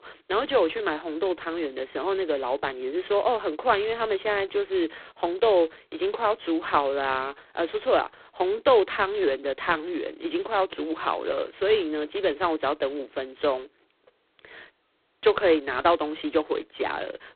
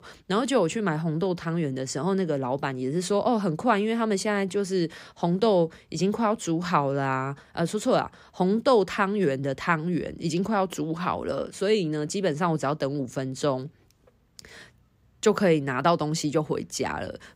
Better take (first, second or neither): second